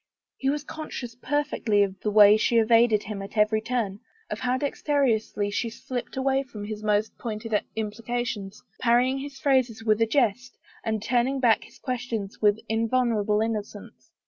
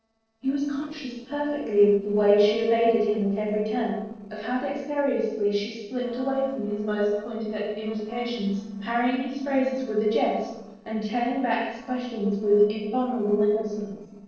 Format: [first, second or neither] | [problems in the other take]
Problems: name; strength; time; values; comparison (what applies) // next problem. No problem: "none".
first | noise reduction (neural separator model SepFormer DNS4)